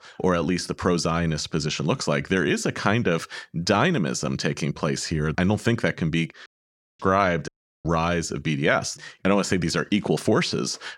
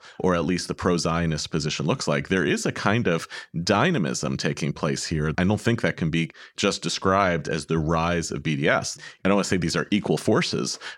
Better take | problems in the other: second | audio cutting out; at 6.5 s for 0.5 s and at 7.5 s

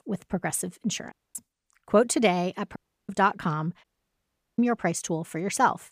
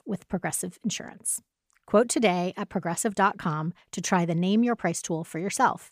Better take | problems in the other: second | audio cutting out; at 1 s, at 3 s and at 4 s for 0.5 s

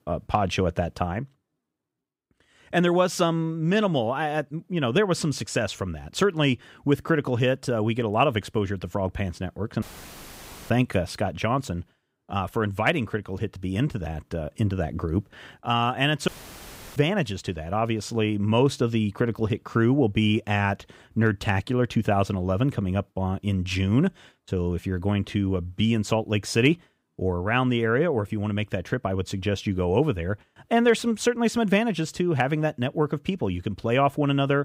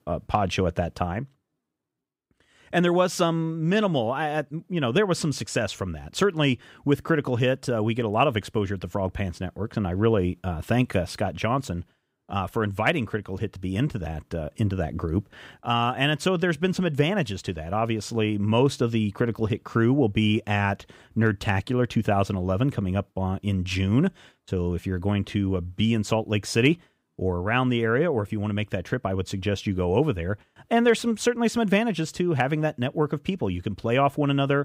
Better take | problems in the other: second | audio cutting out; filled with static; at 10 s for 1 s and at 16 s for 0.5 s

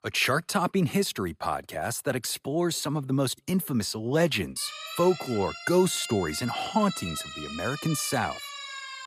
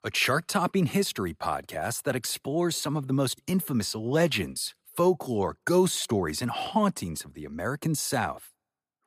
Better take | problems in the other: second | siren; noticeable; from 4.5 s on; peak 8 dB below the speech

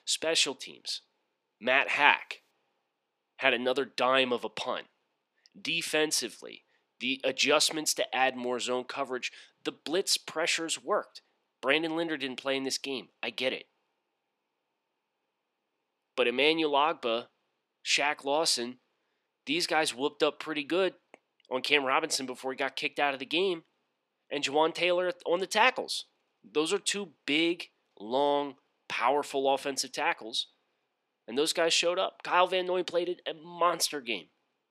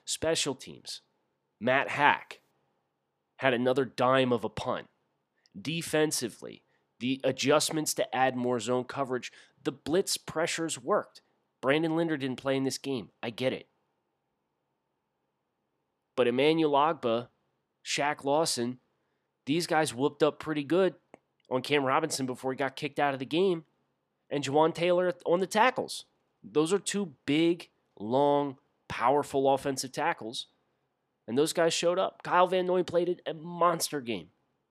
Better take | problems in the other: second | thin; very slightly; fading below 300 Hz

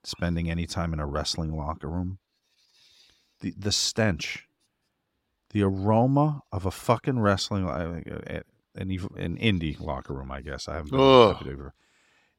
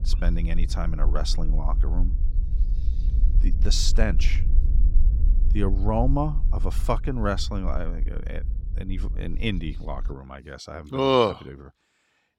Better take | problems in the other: first | low rumble; noticeable; until 10 s; 20 dB below the speech

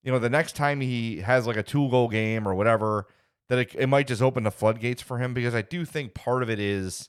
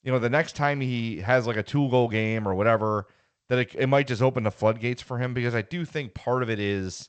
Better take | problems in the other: first | garbled, watery; slightly; nothing above 8 kHz

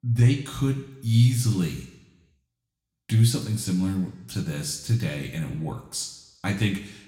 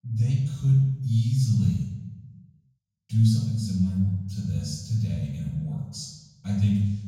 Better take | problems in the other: first | room echo; strong; dies away in 1.3 s; slight in the first // off-mic speech; far; far in the first

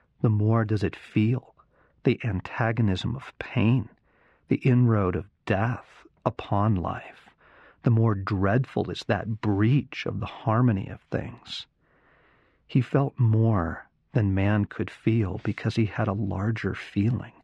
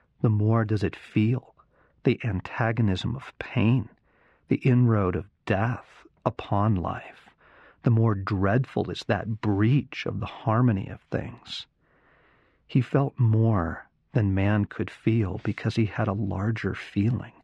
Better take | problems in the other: neither | muffled; slightly; fading above 3 kHz; the same in both

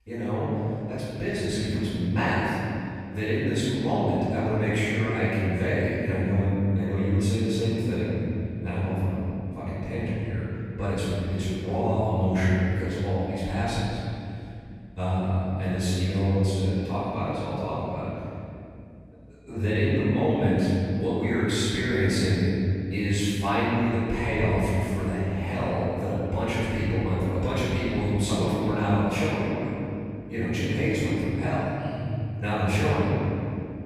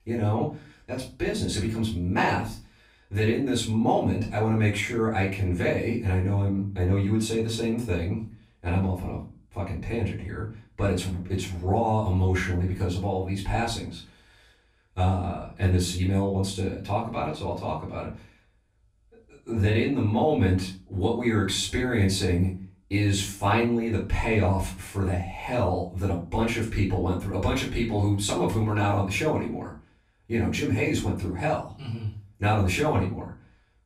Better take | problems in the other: second | room echo; strong; dies away in 2.8 s; slight in the second // off-mic speech; far; far in the second

